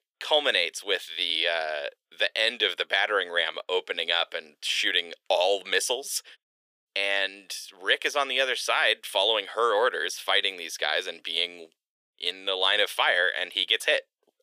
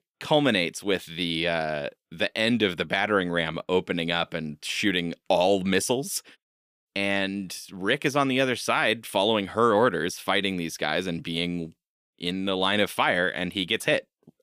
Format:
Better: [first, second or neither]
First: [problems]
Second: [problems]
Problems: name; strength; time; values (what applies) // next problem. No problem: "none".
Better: second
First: thin; very; fading below 500 Hz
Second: none